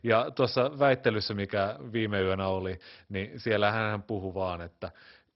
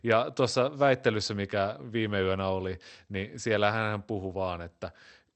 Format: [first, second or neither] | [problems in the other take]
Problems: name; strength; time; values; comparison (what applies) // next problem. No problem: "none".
second | garbled, watery; badly; nothing above 5.5 kHz; slightly in the second